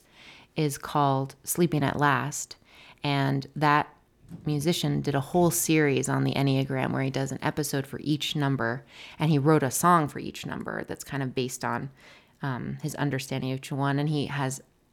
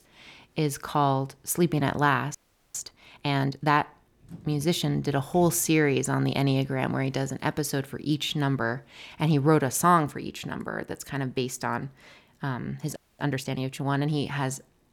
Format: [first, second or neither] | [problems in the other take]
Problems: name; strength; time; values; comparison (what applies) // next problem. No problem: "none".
first | audio freezing; at 2.5 s and at 13 s